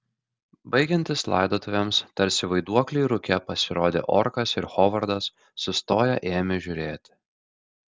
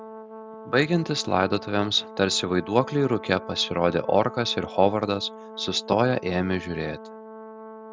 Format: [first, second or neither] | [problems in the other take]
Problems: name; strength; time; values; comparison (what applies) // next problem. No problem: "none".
first | background sound (Brass instrument); 15 dB below the speech